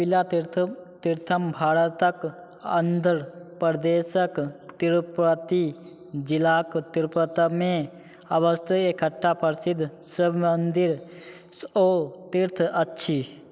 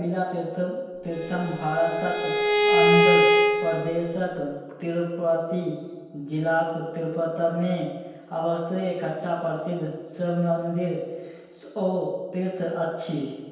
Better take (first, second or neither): first